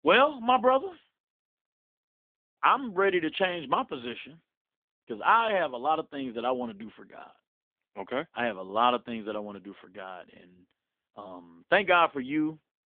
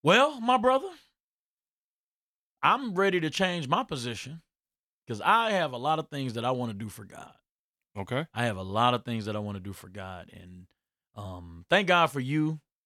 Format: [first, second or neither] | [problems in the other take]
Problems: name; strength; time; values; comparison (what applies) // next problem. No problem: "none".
second | phone-call audio; nothing above 3.5 kHz